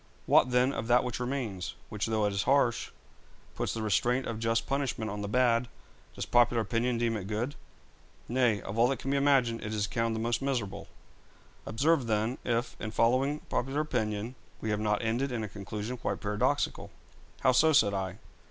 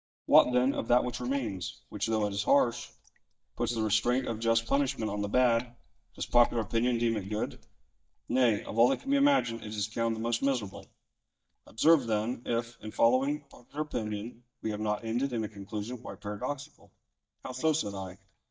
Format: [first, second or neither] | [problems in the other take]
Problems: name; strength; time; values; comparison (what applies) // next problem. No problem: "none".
first | noise reduction (neural mask model DeepFilterNet 3)